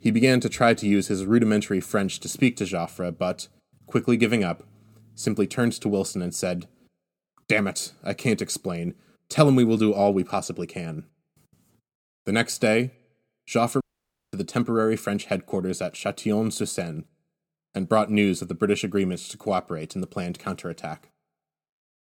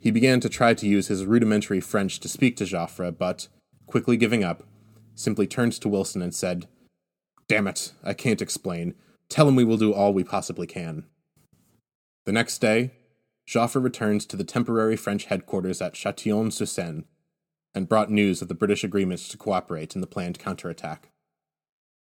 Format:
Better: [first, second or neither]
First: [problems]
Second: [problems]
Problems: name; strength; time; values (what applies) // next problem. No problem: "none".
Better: second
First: audio cutting out; at 14 s for 0.5 s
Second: none